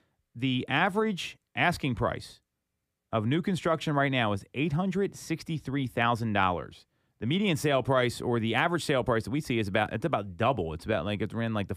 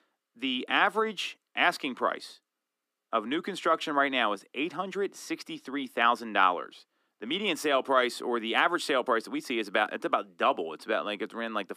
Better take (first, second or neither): first